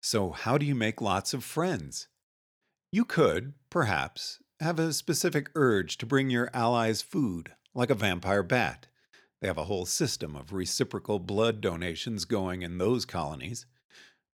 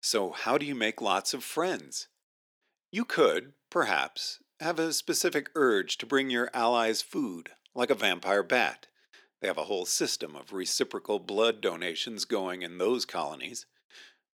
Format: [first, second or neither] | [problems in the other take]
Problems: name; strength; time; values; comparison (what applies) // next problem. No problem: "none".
first | thin; somewhat; fading below 300 Hz